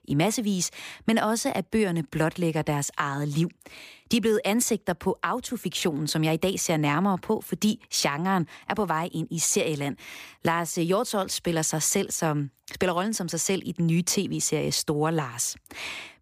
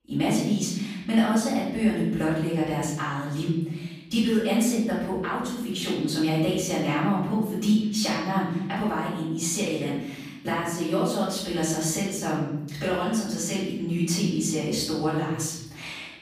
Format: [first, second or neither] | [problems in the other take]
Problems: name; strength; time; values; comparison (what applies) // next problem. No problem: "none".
first | off-mic speech; far // room echo; noticeable; dies away in 1 s